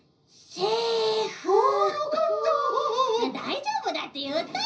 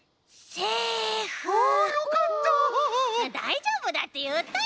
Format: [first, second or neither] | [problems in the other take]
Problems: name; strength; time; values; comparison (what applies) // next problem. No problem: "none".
second | room echo; dies away in 0.5 s